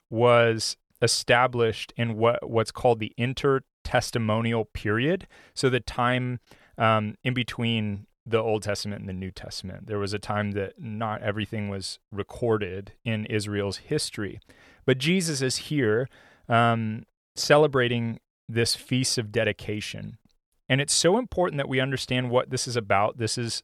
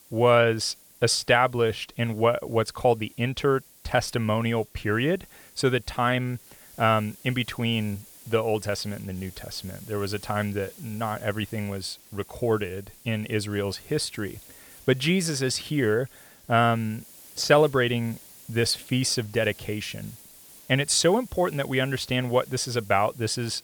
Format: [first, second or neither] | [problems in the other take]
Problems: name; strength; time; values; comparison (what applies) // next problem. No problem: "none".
first | hiss; faint; throughout; 20 dB below the speech